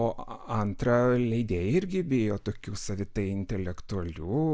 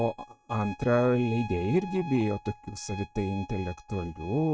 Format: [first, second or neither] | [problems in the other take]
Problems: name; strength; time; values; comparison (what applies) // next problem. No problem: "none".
first | noise reduction (neural mask model RNNoise)